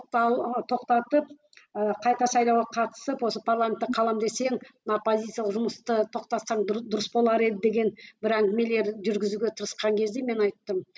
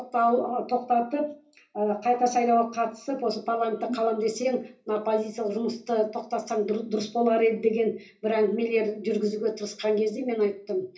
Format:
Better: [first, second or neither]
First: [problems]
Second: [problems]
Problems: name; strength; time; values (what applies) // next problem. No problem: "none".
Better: first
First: none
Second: room echo; dies away in 0.3 s